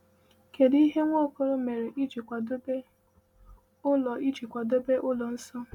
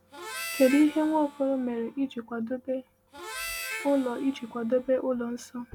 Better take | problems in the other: first | background sound (Harmonica); 13 dB below the speech

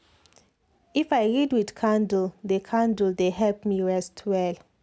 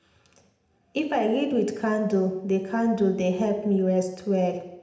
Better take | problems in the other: first | room echo; dies away in 0.8 s

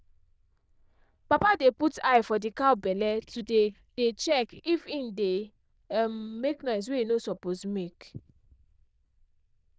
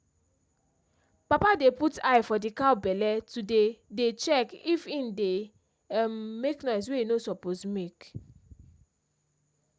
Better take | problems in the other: second | noise reduction (neural diffusion model UNIVERSE++)

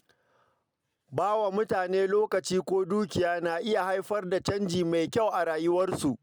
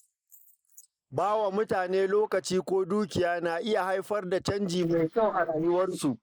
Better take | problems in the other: first | noise reduction (neural mask model Resemble Enhance denoiser)

